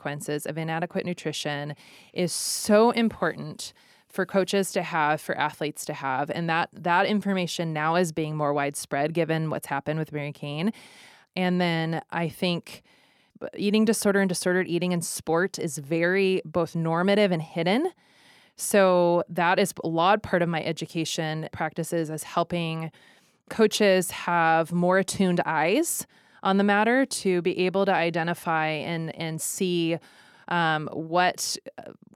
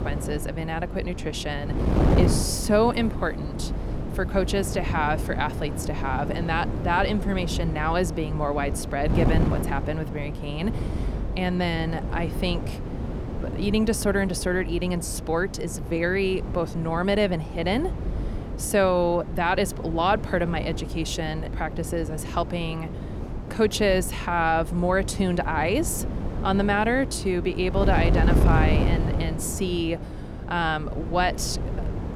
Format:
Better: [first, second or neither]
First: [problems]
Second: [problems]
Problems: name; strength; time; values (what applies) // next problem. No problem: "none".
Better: first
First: none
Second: wind noise on the microphone; heavy; 10 dB below the speech